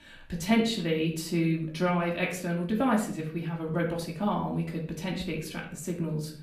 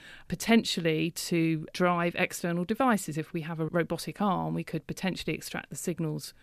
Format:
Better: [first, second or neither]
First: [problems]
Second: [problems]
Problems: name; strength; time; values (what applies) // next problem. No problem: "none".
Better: second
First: off-mic speech; far // room echo; slight; dies away in 0.5 s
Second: none